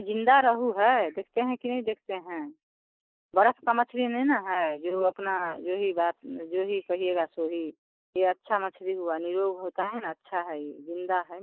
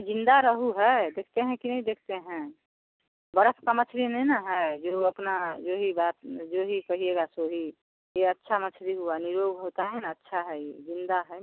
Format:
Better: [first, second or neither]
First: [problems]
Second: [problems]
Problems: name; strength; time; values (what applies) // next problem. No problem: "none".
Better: second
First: noise reduction (neural mask model Resemble Enhance denoiser)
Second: none